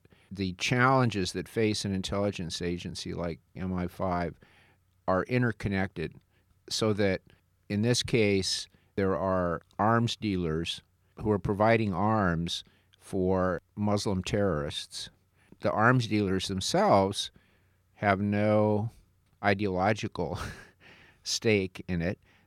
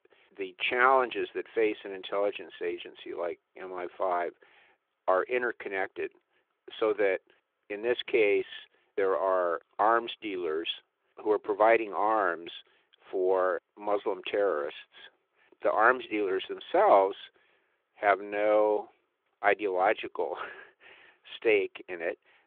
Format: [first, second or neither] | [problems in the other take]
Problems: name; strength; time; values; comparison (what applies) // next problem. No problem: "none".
first | phone-call audio; nothing above 3.5 kHz